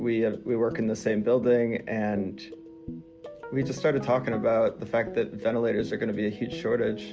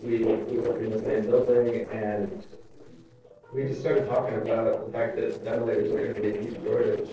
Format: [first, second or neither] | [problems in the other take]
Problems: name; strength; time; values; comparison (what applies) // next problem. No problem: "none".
first | noise reduction (neural separator model SepFormer DNS4)